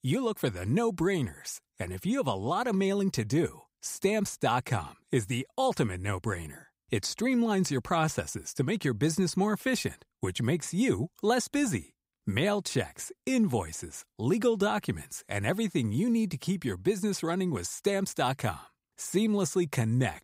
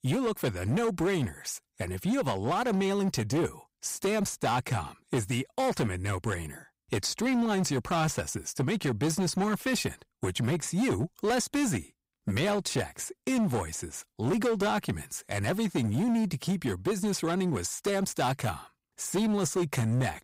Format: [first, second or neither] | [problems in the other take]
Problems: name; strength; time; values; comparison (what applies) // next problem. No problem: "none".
first | distortion; slight; 14% of the sound clipped